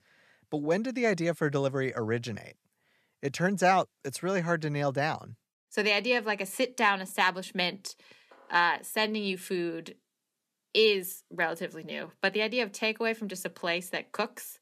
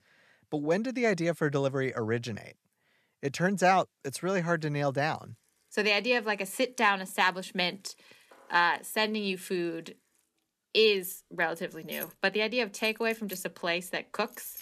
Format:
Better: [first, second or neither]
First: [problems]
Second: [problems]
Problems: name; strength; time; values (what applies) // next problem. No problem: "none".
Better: first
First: none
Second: household noises; noticeable; from 4.5 s on; 15 dB below the speech